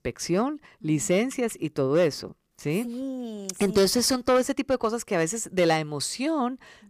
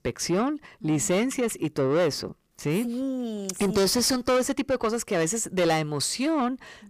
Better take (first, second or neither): first